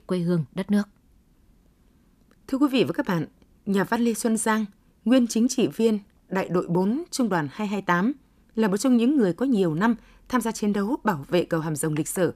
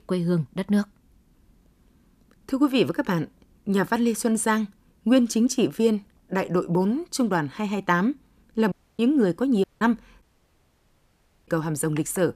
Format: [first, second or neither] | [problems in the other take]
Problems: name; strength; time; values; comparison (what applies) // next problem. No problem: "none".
first | audio cutting out; at 8.5 s, at 9.5 s and at 10 s for 1.5 s